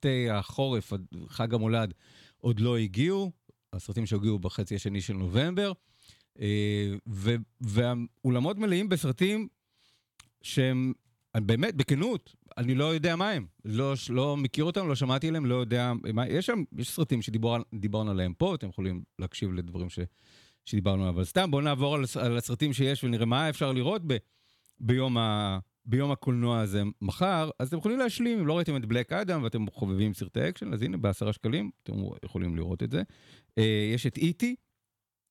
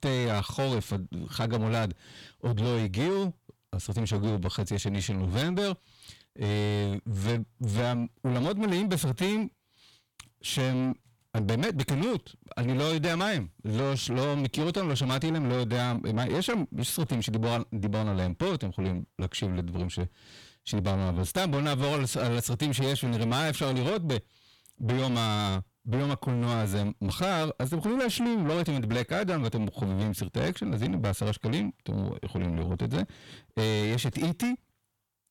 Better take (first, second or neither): first